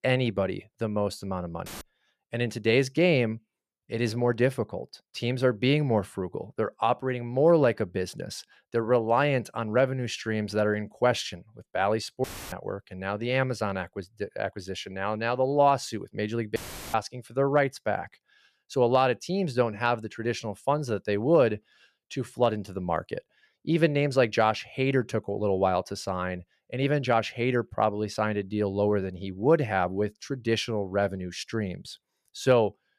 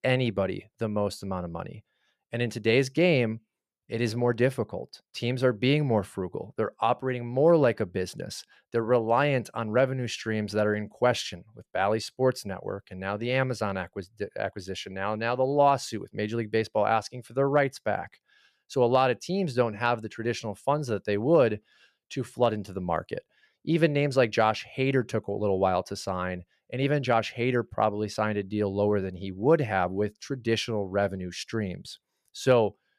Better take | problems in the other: second | audio cutting out; filled with static; at 1.5 s, at 12 s and at 17 s

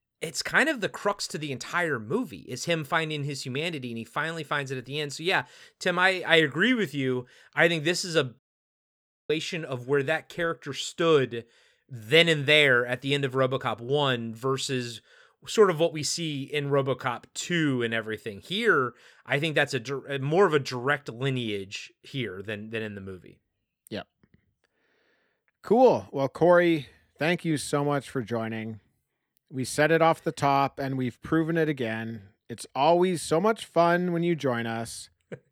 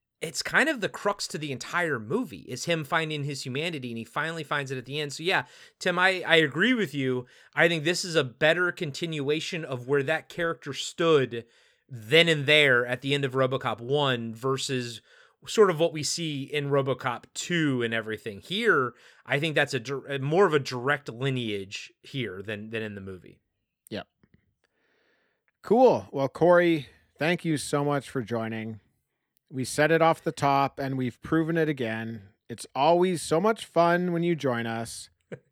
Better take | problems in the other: second | audio cutting out; at 8.5 s for 1 s

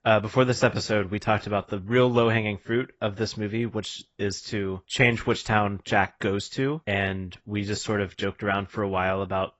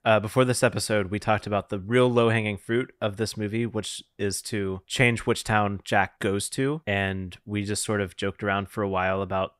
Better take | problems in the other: second | garbled, watery; badly; nothing above 8 kHz

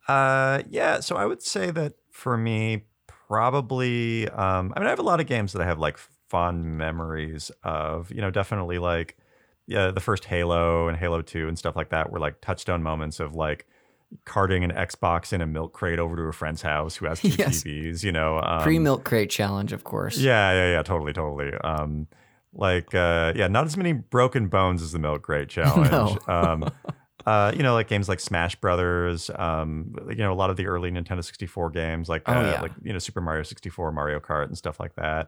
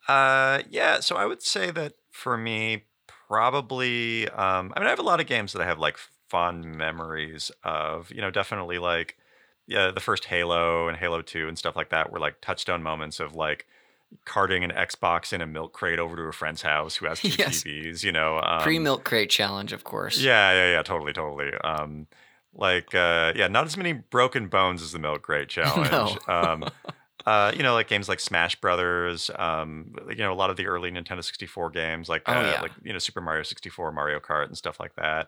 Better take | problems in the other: first | thin; somewhat; fading below 700 Hz

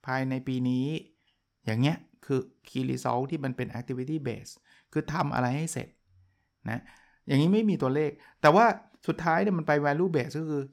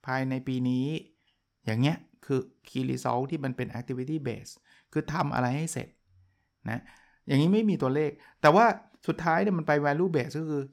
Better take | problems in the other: neither | none

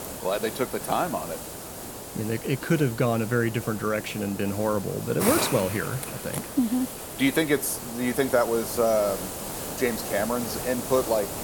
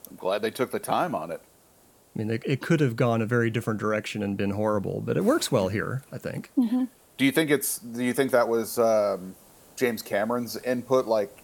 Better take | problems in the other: second | hiss; loud; throughout; 7 dB below the speech; faint in the second

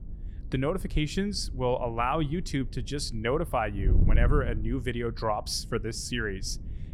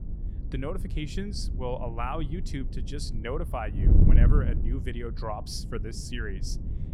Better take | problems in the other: first | wind noise on the microphone; heavy; 7 dB below the speech; occasional gusts in the first

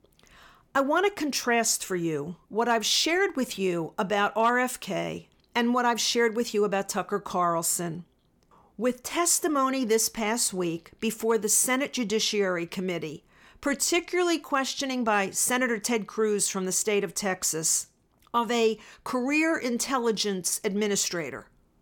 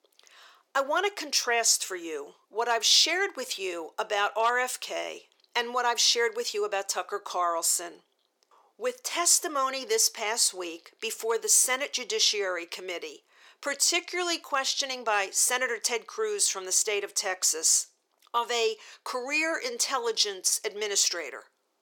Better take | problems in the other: first | thin; very; fading below 400 Hz

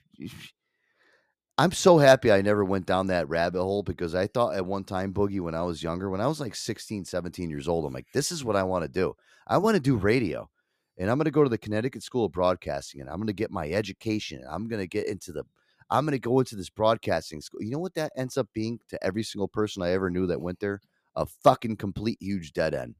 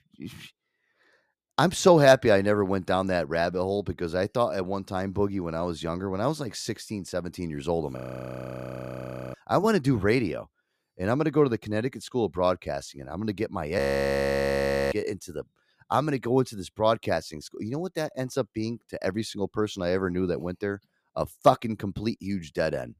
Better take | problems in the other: first | audio freezing; at 8 s for 1.5 s and at 14 s for 1 s

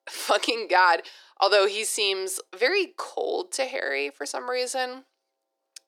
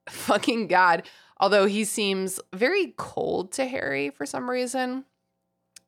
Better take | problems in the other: second | thin; very; fading below 350 Hz

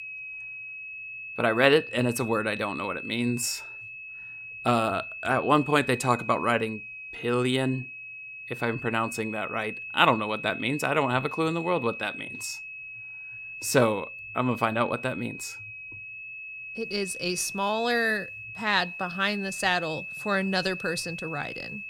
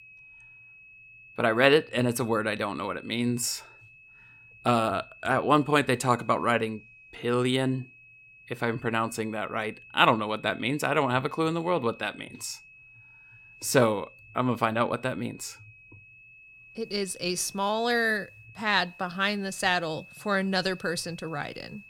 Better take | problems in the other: second | high-pitched whine; loud; throughout; 2.5 kHz, 10 dB below the speech; faint in the second

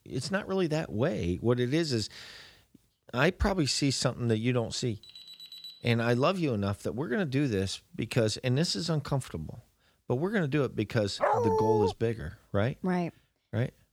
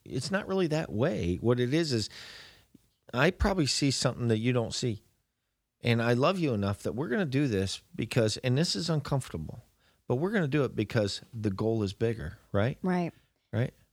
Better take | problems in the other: second | alarm; faint; at 5 s; peak 15 dB below the speech // dog barking; loud; at 11 s; peak 4 dB above the speech

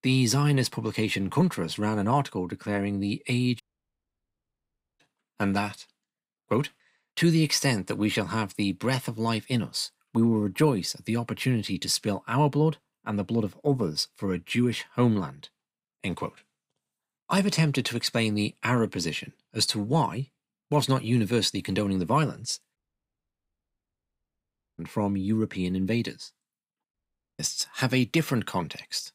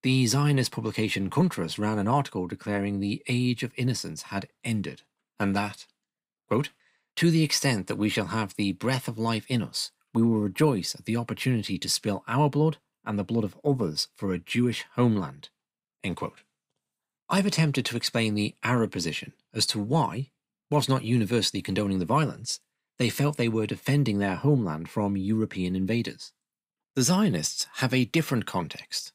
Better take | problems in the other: second | audio cutting out; at 3.5 s for 1.5 s, at 23 s for 2 s and at 27 s

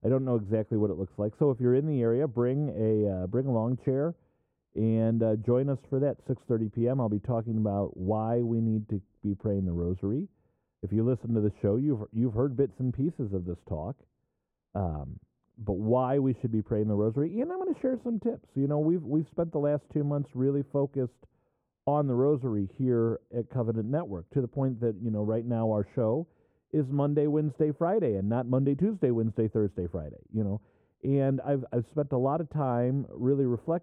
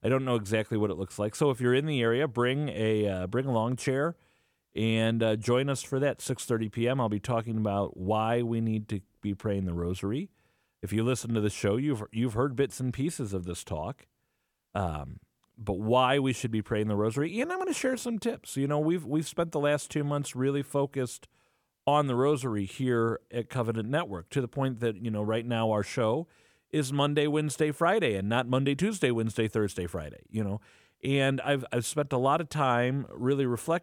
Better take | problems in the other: second | muffled; very; fading above 1.5 kHz

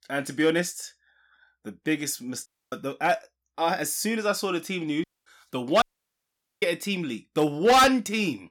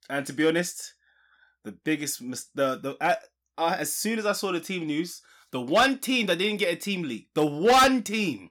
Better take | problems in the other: second | audio cutting out; at 2.5 s, at 5 s and at 6 s for 1 s

